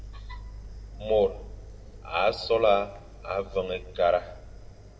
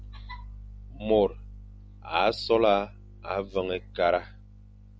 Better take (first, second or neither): second